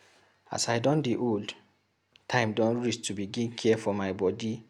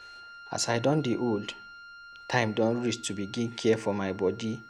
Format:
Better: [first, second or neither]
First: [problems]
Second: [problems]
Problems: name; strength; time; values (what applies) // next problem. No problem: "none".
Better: first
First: none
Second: background sound (Wind instrument, woodwind instrument); 19 dB below the speech